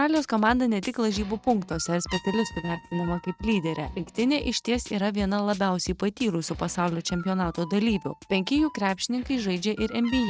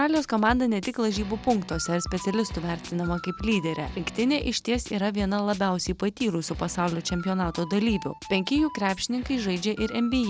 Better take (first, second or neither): second